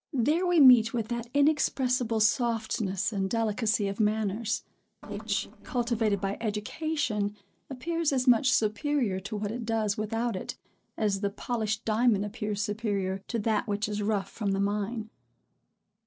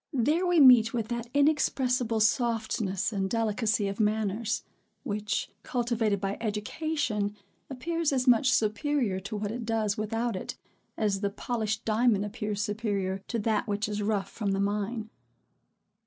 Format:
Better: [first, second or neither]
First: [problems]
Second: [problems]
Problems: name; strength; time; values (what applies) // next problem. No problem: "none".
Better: second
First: noise reduction (neural separator model SepFormer DNS4)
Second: none